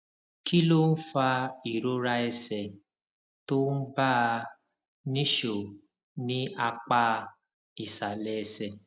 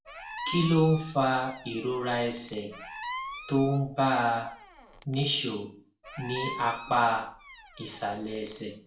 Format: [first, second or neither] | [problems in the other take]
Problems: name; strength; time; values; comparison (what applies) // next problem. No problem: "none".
first | background sound (Squeak); 13 dB below the speech // room echo; dies away in 0.3 s